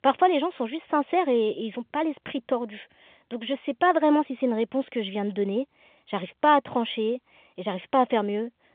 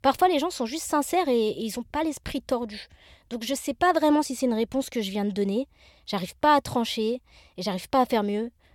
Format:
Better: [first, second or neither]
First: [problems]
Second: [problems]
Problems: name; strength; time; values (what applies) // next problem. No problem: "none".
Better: second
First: phone-call audio; nothing above 3.5 kHz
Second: none